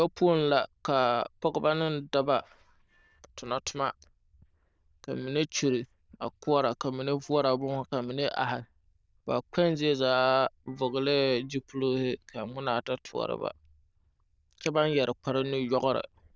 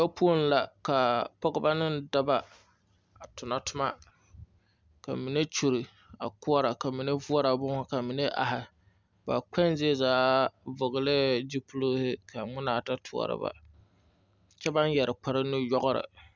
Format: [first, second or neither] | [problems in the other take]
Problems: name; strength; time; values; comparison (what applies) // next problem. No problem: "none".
second | noise reduction (neural diffusion model UNIVERSE++)